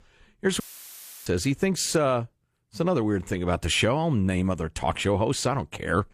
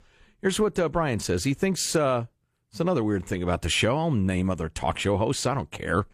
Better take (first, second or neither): second